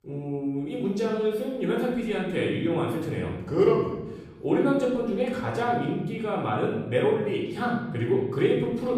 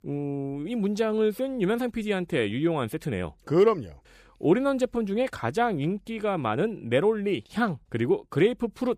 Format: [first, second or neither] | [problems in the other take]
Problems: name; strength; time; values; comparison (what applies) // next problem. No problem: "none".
second | off-mic speech; far // room echo; noticeable; dies away in 1 s